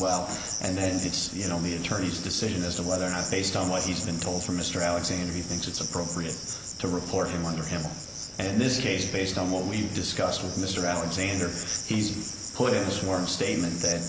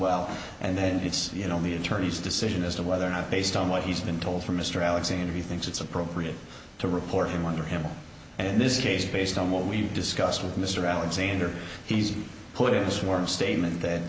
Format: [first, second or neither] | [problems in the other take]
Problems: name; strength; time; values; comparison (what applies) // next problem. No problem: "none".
second | background sound (Cricket); 8 dB below the speech